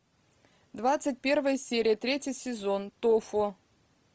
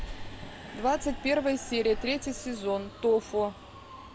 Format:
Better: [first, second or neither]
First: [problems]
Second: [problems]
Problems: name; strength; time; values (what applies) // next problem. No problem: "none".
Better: first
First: none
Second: background sound (Subway, metro, underground); 11 dB below the speech